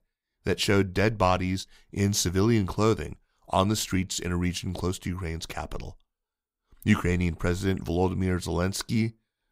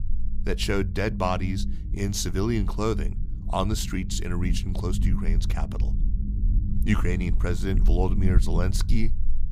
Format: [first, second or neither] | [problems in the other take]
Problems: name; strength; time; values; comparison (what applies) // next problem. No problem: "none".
first | low rumble; noticeable; throughout; 10 dB below the speech